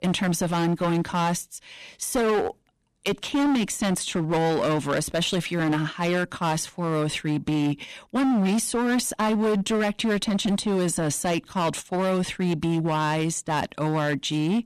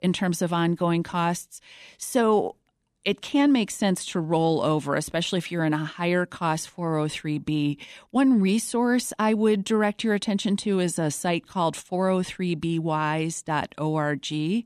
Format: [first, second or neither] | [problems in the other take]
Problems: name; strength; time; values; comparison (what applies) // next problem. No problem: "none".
second | distortion; heavy; 19% of the sound clipped